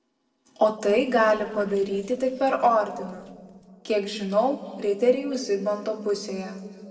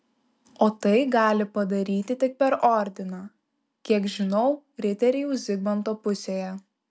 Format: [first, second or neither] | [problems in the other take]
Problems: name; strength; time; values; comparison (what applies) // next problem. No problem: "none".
second | noise reduction (neural separator model SepFormer DNS4)